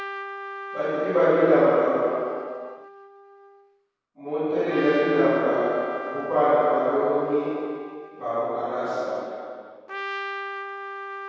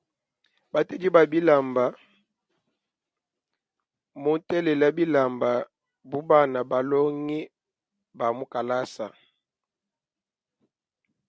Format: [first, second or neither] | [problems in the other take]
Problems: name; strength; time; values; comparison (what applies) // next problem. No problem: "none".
second | background sound (Trumpet); 12 dB below the speech // room echo; dies away in 2.2 s